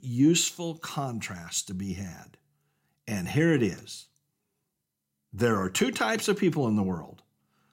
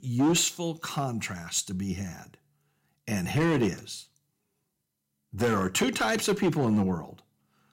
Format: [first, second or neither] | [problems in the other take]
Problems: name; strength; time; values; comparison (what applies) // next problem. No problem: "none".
first | distortion; slight; 5% of the sound clipped